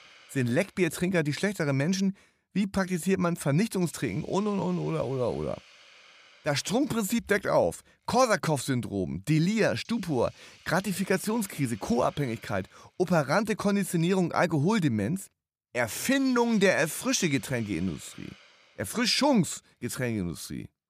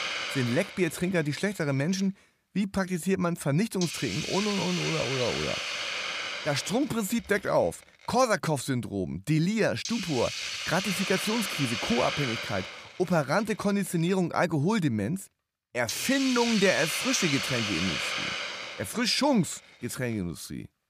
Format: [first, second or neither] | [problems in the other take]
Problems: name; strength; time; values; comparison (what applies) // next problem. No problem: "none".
first | hiss; loud; throughout; 3 dB below the speech; faint in the first